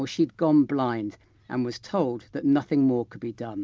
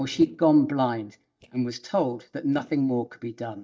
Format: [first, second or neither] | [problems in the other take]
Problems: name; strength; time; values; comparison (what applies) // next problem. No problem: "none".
first | noise reduction (neural mask model DeepFilterNet 3)